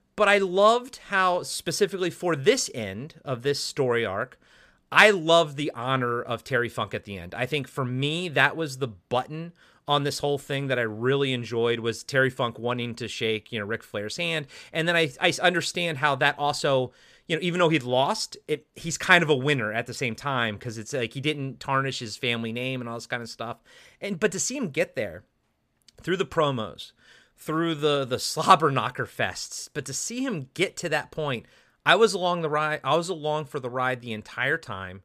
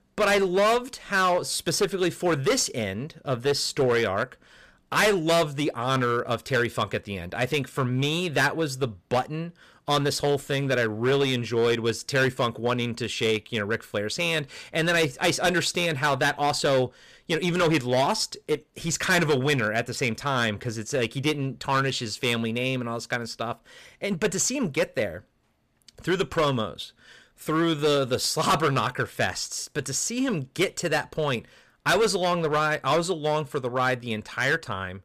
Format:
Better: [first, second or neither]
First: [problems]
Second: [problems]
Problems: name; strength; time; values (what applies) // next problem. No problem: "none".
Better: first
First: none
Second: distortion; heavy; 8% of the sound clipped